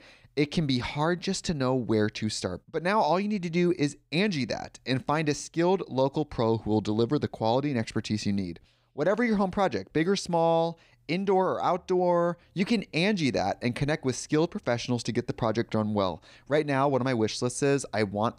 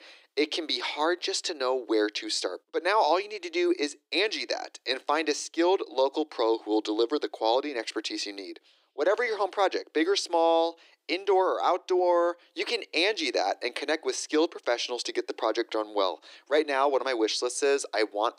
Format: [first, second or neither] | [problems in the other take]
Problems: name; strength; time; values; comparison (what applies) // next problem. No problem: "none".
first | thin; very; fading below 300 Hz